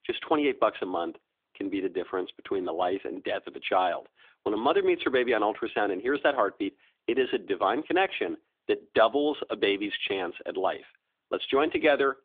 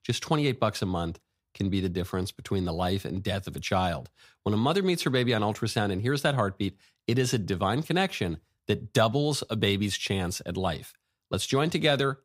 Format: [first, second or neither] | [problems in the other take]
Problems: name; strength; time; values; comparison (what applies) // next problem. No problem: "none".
second | phone-call audio; nothing above 3.5 kHz